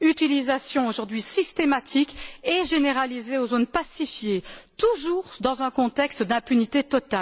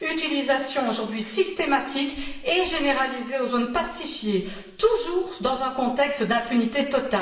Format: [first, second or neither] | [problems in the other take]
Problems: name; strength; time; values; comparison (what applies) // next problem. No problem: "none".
first | room echo; dies away in 0.8 s